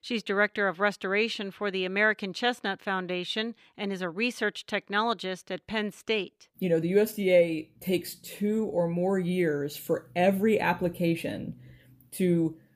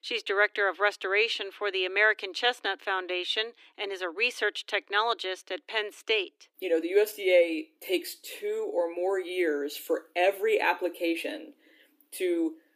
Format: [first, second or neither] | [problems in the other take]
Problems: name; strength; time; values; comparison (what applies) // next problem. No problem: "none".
first | thin; very; fading below 300 Hz